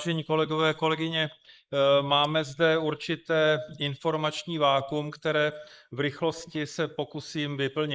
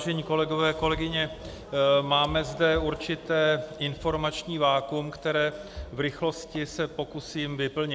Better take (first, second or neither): second